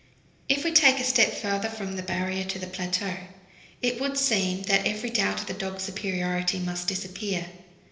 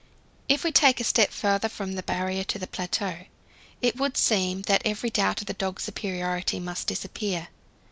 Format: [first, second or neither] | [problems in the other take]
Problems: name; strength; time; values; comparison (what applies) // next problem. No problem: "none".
second | room echo; dies away in 0.8 s